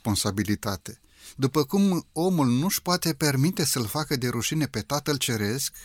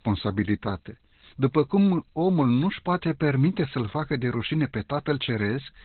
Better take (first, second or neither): first